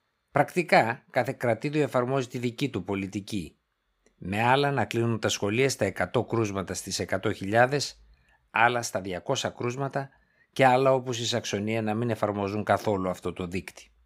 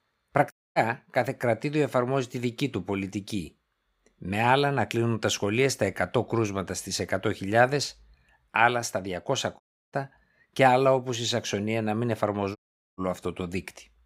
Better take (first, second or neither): first